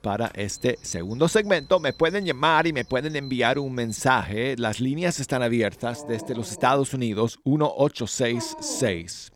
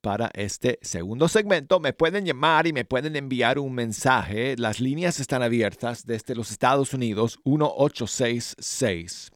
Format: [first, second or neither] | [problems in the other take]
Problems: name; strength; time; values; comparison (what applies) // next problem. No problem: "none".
second | animal sounds; noticeable; throughout; 20 dB below the speech